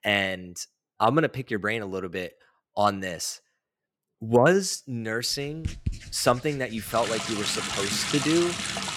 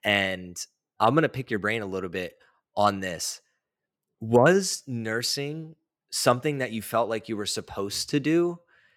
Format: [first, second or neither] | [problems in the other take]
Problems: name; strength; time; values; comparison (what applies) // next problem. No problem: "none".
second | household noises; loud; from 5.5 s on; 4 dB below the speech